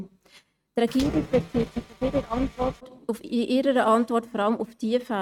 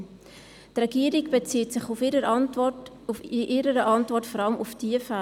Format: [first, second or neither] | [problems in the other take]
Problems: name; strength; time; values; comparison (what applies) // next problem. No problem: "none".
second | noise reduction (neural mask model RNNoise)